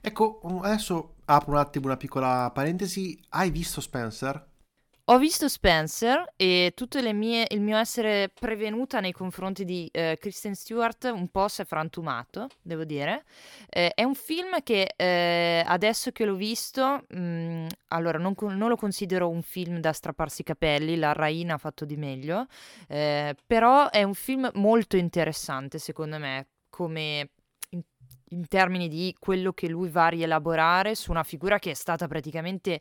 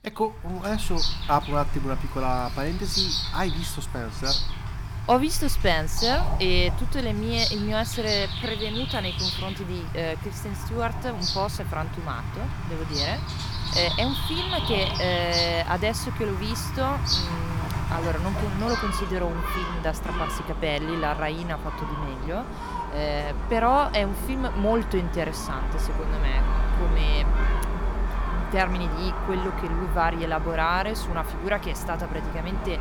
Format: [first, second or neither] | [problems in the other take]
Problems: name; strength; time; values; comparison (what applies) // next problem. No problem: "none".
first | animal sounds; loud; throughout; 1 dB below the speech